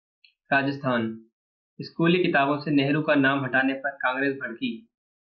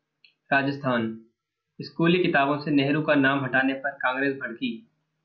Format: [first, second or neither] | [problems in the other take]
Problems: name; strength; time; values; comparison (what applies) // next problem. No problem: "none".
second | noise reduction (neural mask model Resemble Enhance denoiser)